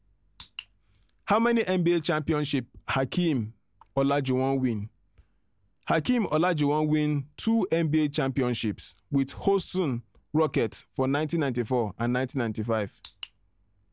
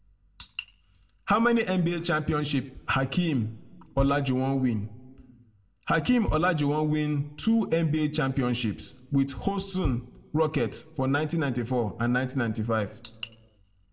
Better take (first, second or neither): first